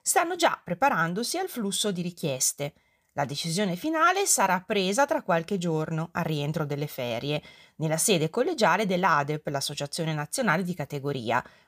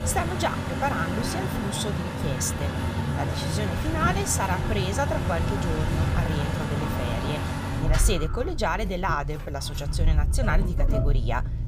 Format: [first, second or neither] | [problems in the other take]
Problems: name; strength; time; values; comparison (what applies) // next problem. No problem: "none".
first | traffic noise; very loud; throughout; 2 dB above the speech